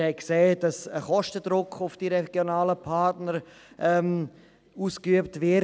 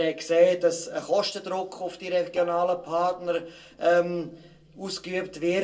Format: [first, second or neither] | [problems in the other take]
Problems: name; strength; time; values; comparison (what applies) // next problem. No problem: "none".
first | noise reduction (neural separator model SepFormer DNS4)